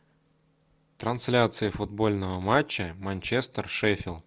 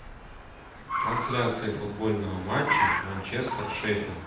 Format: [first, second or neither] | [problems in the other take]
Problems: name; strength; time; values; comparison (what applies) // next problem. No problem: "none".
first | background sound (Car); 1 dB below the speech // room echo; dies away in 0.9 s